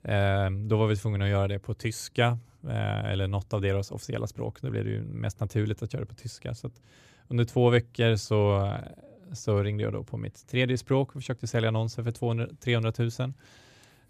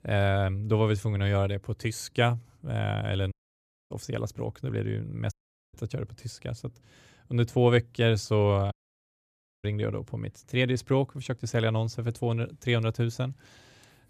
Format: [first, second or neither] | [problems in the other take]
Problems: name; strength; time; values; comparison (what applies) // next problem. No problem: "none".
first | audio cutting out; at 3.5 s for 0.5 s, at 5.5 s and at 8.5 s for 1 s